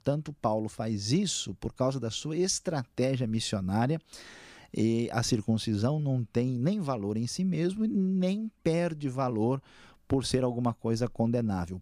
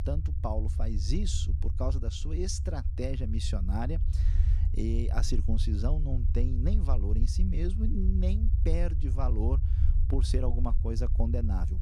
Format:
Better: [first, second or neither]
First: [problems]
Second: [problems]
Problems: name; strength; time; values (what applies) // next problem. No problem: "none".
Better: first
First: none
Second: low rumble; loud; throughout; 9 dB below the speech